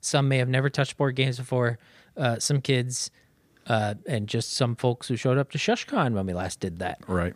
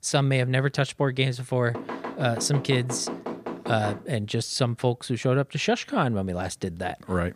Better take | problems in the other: first | door banging; noticeable; from 1.5 to 4 s; peak 8 dB below the speech

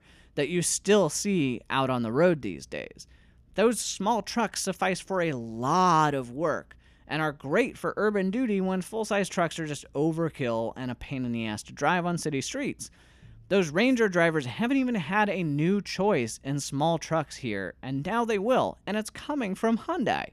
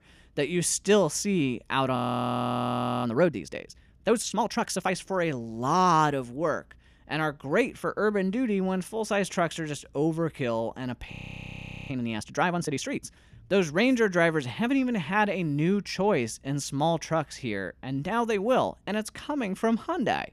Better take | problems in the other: first | audio freezing; at 2 s for 1 s and at 11 s for 1 s

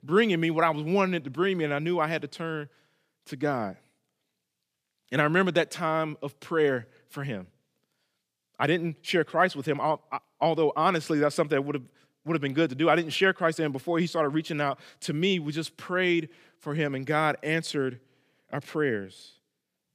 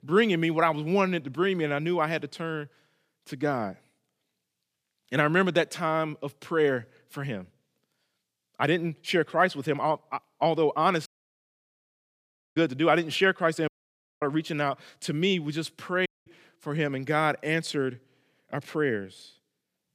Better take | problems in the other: first | audio cutting out; at 11 s for 1.5 s, at 14 s for 0.5 s and at 16 s

